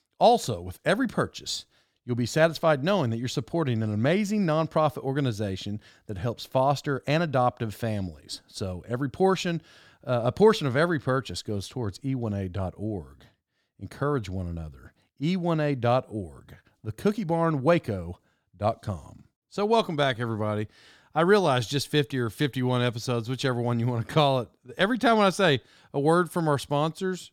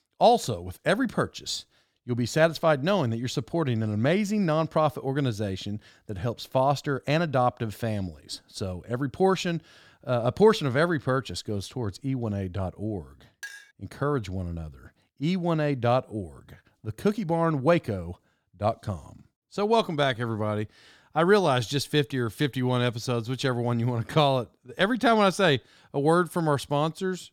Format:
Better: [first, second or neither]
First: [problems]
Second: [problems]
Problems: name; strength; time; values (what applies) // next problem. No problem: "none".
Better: first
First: none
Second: clattering dishes; faint; at 13 s; peak 15 dB below the speech